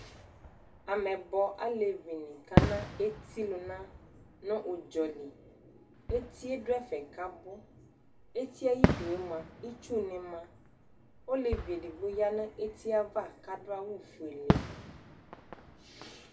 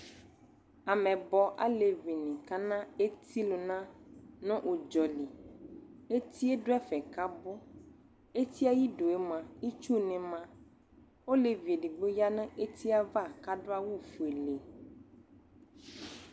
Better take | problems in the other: second | background sound (Fireworks); 1 dB below the speech // room echo; dies away in 0.2 s

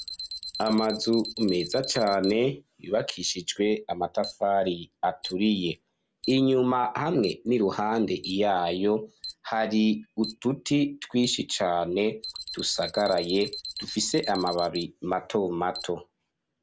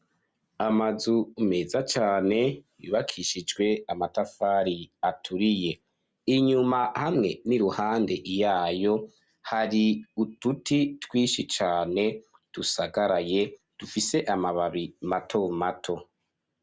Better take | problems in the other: second | background sound (Alarm); 15 dB below the speech

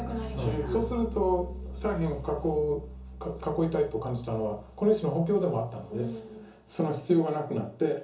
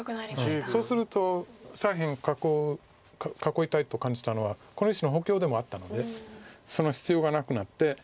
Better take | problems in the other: second | background sound (Bass guitar); 12 dB below the speech // room echo; dies away in 0.6 s

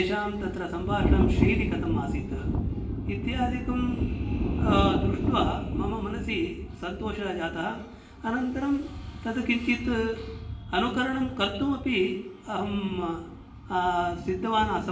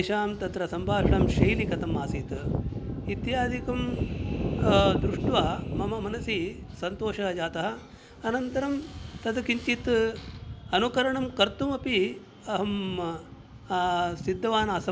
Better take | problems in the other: second | room echo; dies away in 0.8 s

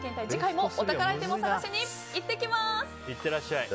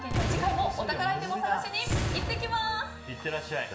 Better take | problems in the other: first | background sound (Boom); 3 dB below the speech // room echo; dies away in 0.8 s

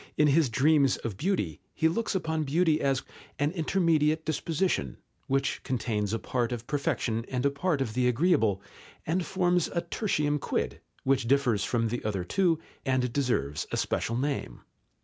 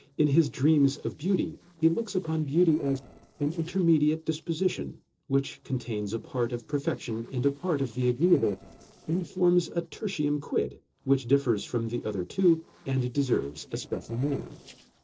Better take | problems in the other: first | noise reduction (neural separator model SepFormer DNS4)

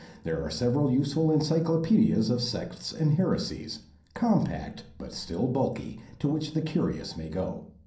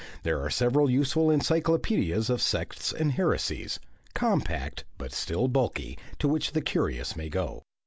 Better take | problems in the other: second | room echo; dies away in 0.6 s

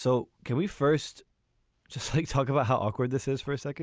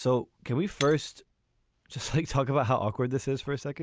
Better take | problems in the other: first | background sound (Shatter); 19 dB below the speech

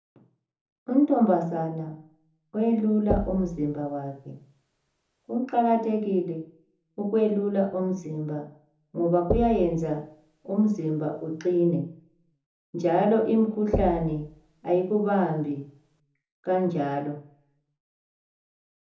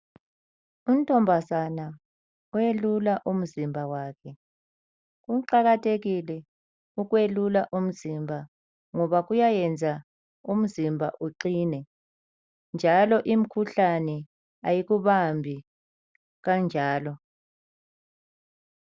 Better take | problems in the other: second | background sound (Knock / Wood); 8 dB below the speech // room echo; dies away in 0.6 s

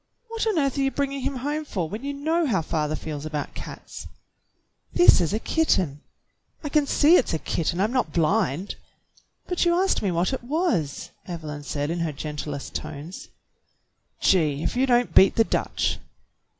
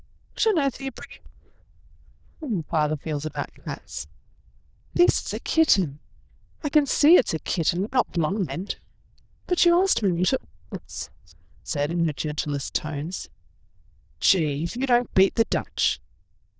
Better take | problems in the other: first | noise reduction (neural diffusion model UNIVERSE++)

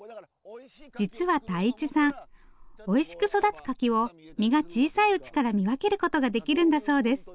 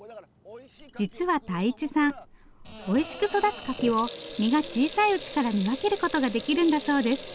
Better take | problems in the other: first | background sound (Sink (filling or washing) / Water tap, faucet); 15 dB below the speech

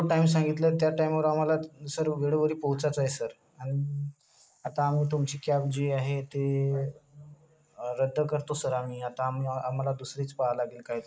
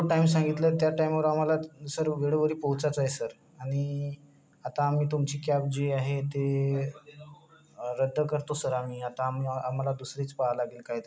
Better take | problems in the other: second | noise reduction (neural mask model Resemble Enhance denoiser)

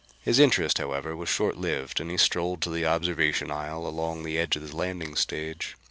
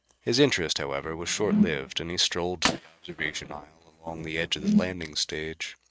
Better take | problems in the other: first | noise reduction (neural mask model RNNoise)

